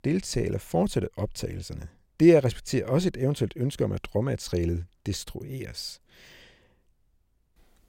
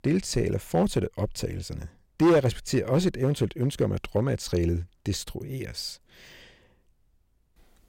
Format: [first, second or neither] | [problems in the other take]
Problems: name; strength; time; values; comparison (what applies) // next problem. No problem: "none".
first | distortion; slight; 2% of the sound clipped